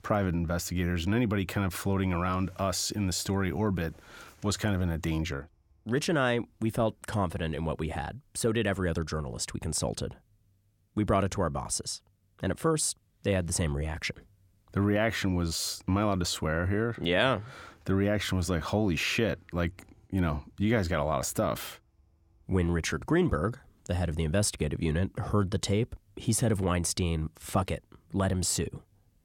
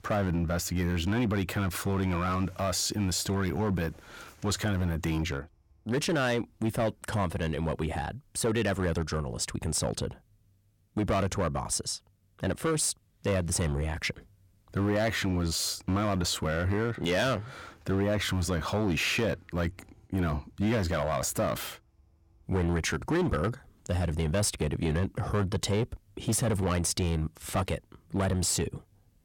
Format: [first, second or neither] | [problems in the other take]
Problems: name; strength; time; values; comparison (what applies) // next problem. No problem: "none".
first | distortion; slight; 10% of the sound clipped